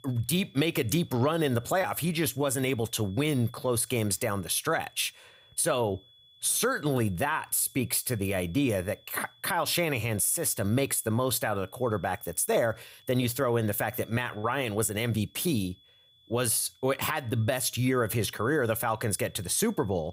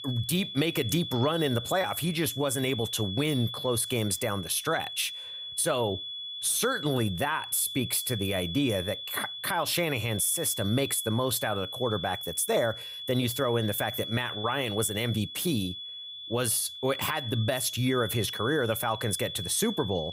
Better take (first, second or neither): first